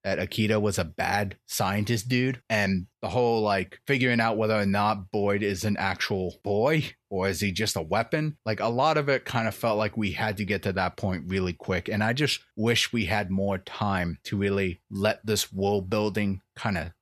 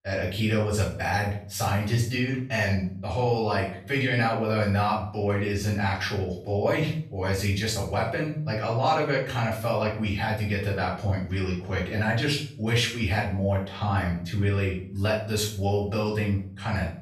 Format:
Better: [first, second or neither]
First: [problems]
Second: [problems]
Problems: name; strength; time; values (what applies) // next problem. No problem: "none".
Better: first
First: none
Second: off-mic speech; far // room echo; noticeable; dies away in 0.5 s